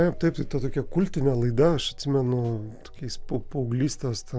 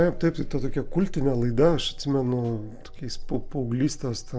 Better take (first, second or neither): first